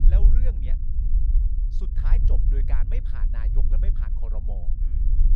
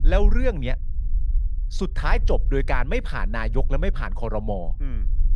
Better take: second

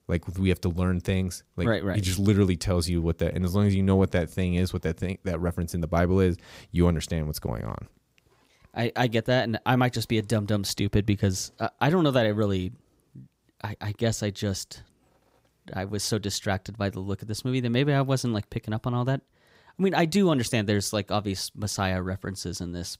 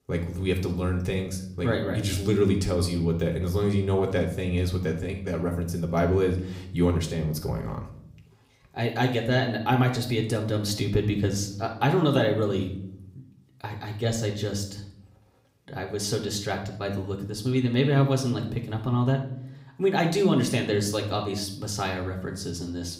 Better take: first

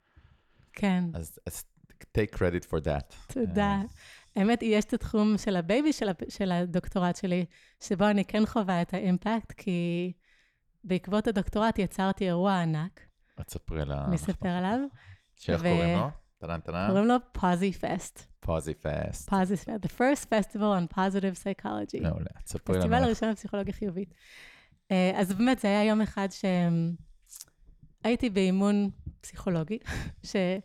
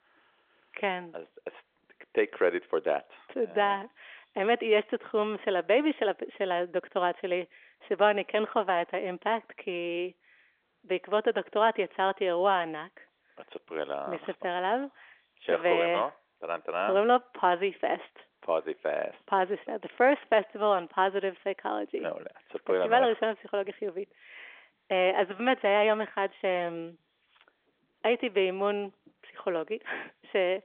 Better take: first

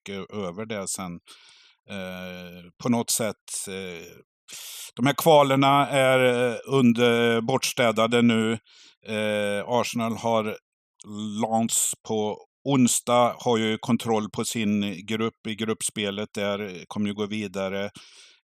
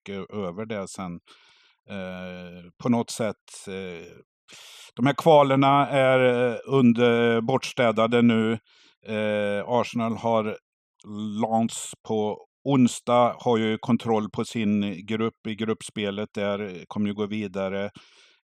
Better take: first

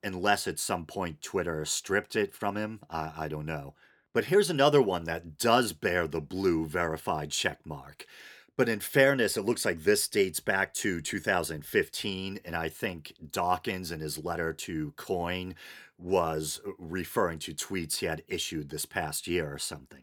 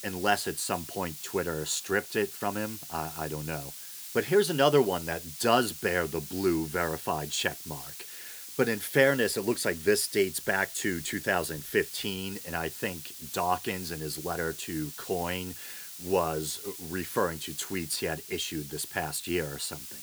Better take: first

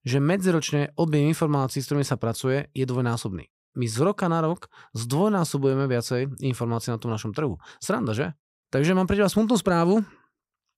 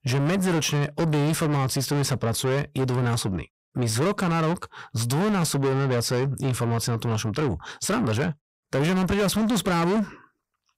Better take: first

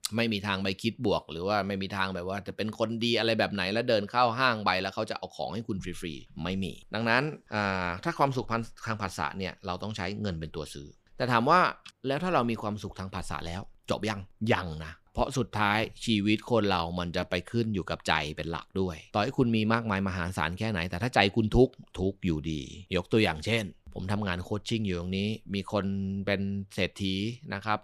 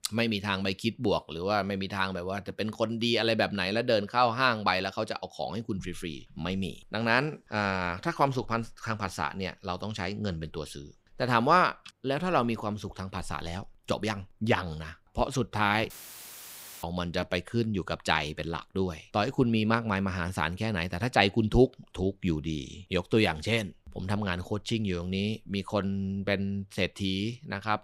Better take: first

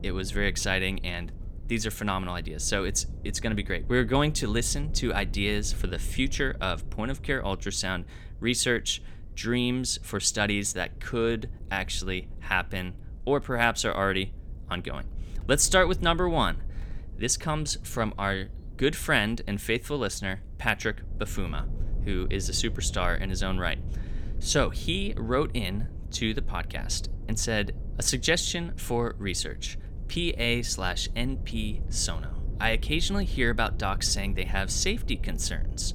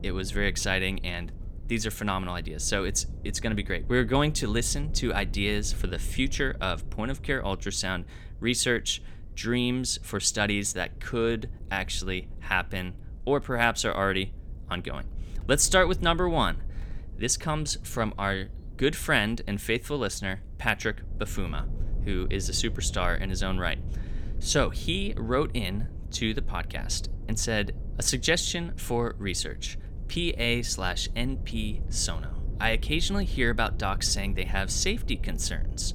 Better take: neither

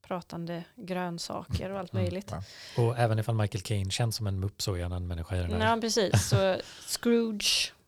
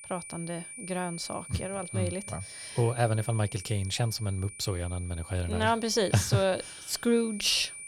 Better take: first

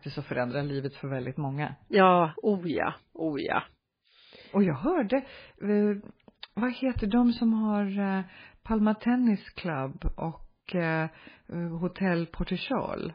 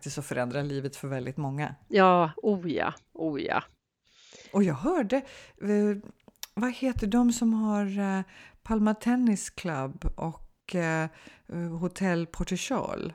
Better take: second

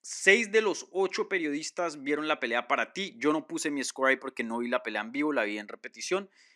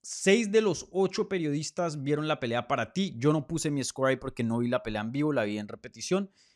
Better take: second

